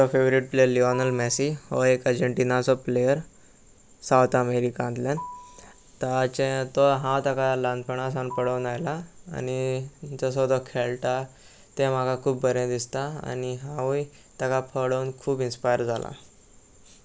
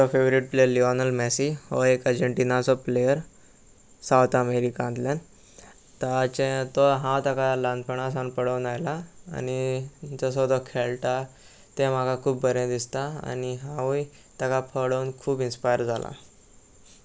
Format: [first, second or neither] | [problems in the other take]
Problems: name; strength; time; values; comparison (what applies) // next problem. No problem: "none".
second | background sound (Marimba, xylophone); 19 dB below the speech